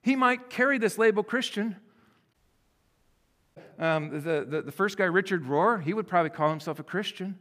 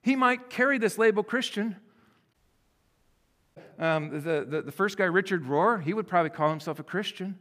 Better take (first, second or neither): neither